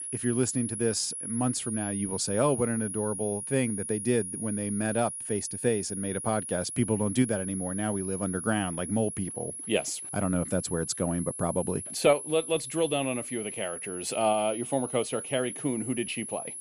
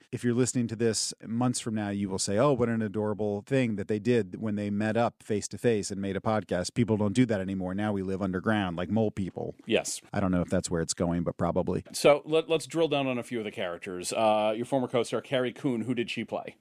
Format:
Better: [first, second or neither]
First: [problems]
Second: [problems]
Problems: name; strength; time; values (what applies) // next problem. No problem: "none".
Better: second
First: high-pitched whine; loud; throughout; 10.5 kHz, 6 dB below the speech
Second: none